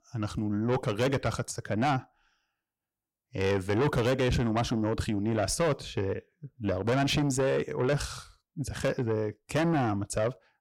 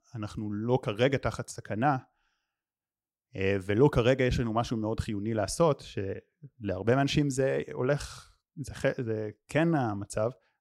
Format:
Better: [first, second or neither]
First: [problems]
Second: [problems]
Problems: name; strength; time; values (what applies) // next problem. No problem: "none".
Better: second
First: distortion; heavy; 6 dB below the speech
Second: none